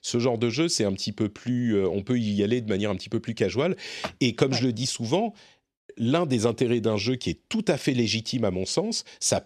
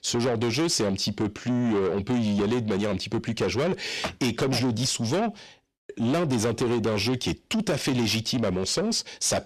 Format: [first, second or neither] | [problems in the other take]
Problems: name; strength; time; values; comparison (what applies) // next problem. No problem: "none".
first | distortion; heavy; 7 dB below the speech